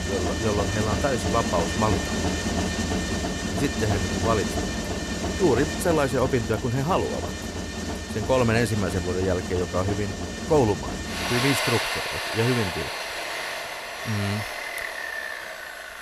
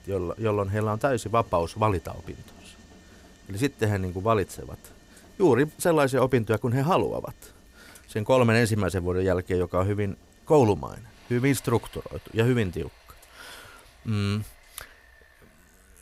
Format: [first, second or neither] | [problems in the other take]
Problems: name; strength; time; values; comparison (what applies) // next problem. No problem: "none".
second | machinery noise; loud; throughout; 2 dB below the speech; faint in the second